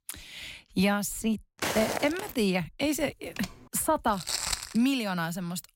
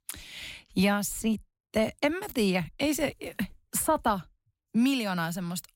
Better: second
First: footsteps; noticeable; at 1.5 s; peak 1 dB below the speech // keyboard typing; faint; at 3.5 s; peak 15 dB below the speech // footsteps; loud; at 4 s; peak level with the speech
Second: none

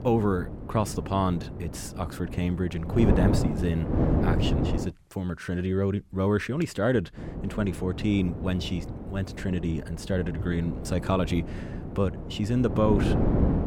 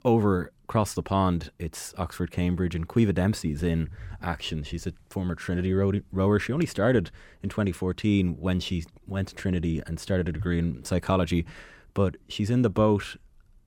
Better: second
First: wind noise on the microphone; heavy; until 5 s and from 7 s on; 5 dB below the speech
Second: none

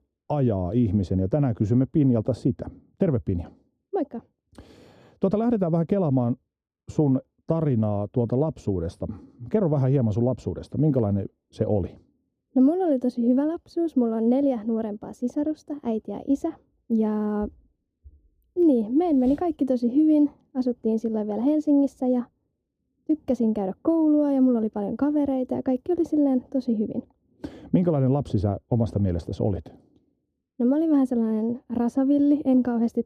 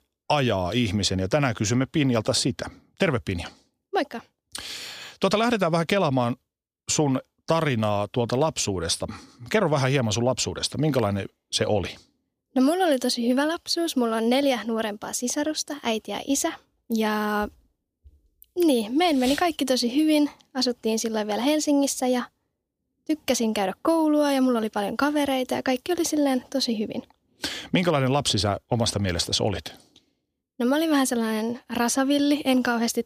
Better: second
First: muffled; very; fading above 1 kHz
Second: none

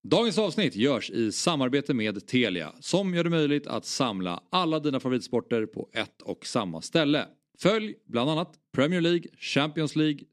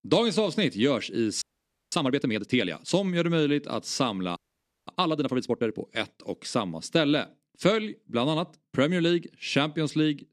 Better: first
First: none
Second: audio freezing; at 1.5 s for 0.5 s and at 4.5 s for 0.5 s

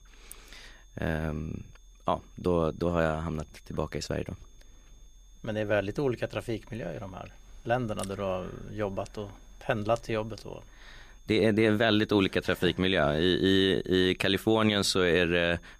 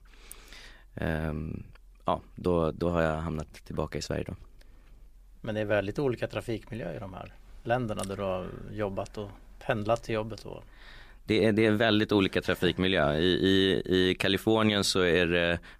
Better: second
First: high-pitched whine; faint; throughout; 6.5 kHz, 35 dB below the speech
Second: none

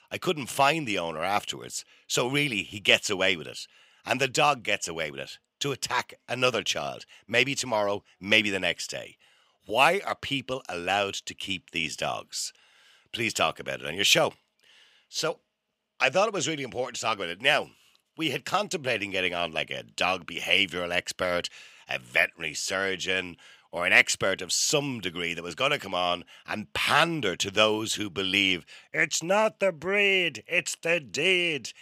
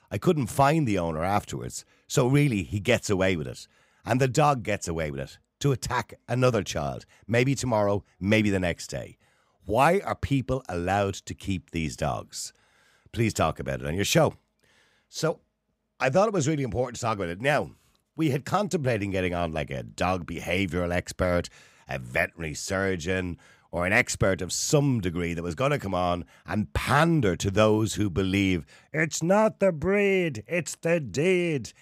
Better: second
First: thin; somewhat; fading below 1 kHz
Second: none

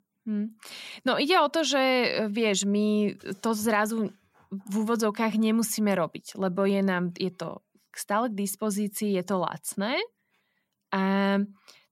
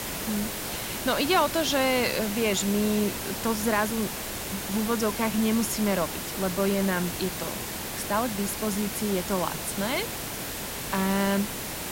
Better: first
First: none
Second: hiss; loud; throughout; 4 dB below the speech

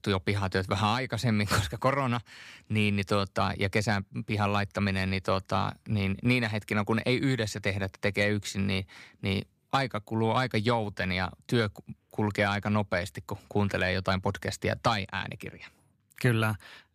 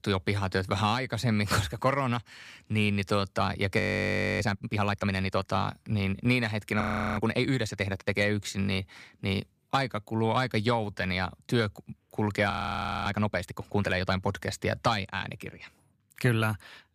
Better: first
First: none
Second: audio freezing; at 4 s for 0.5 s, at 7 s and at 13 s for 0.5 s

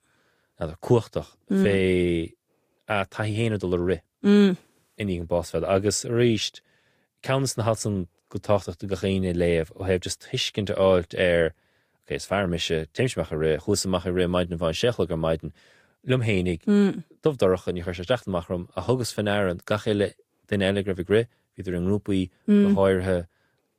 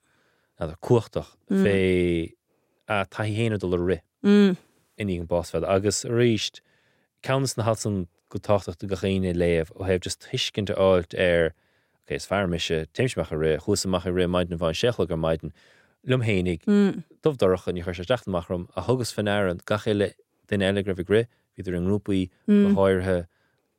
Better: second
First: garbled, watery; slightly; nothing above 15 kHz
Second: none

